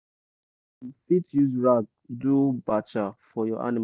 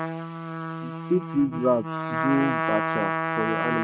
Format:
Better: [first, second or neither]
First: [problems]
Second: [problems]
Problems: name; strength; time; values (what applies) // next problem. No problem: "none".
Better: first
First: none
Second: noise reduction (neural mask model RNNoise)